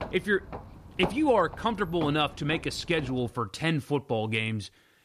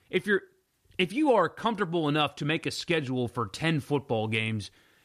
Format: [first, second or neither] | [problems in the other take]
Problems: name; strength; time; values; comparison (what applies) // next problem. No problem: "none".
second | footsteps; noticeable; until 3 s; peak 7 dB below the speech